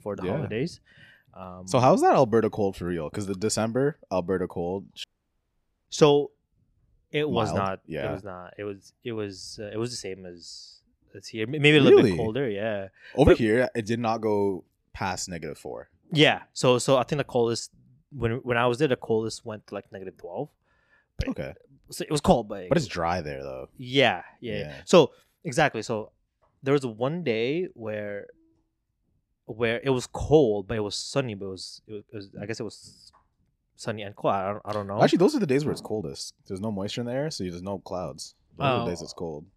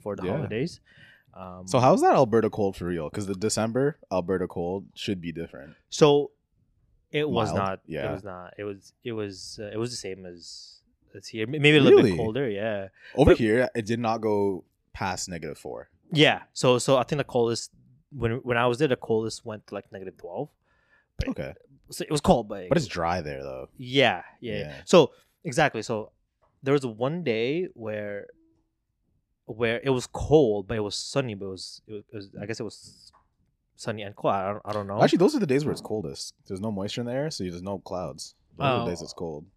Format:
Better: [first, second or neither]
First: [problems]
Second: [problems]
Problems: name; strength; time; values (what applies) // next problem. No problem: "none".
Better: second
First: audio cutting out; at 5 s for 1 s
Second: none